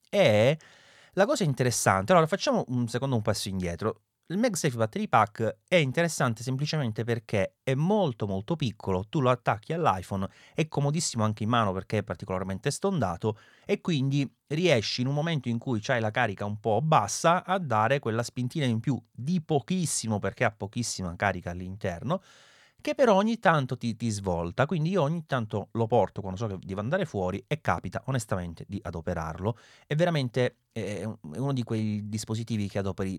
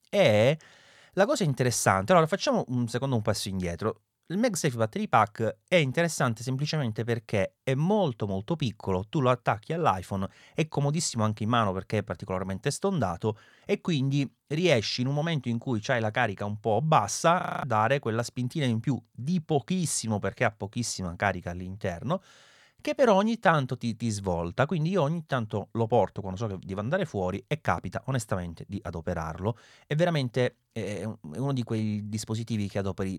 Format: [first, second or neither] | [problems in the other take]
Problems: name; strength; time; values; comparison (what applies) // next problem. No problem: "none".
first | audio freezing; at 17 s